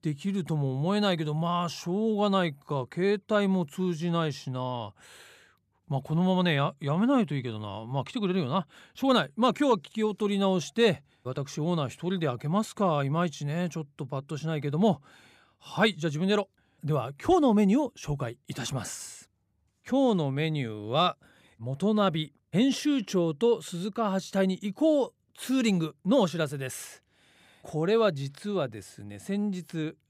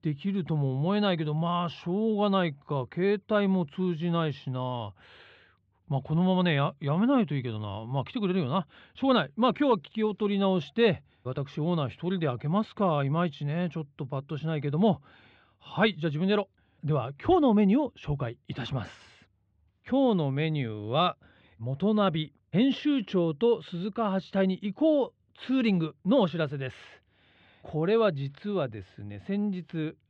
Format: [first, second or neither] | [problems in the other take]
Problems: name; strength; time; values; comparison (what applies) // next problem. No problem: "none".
first | muffled; slightly; fading above 3.5 kHz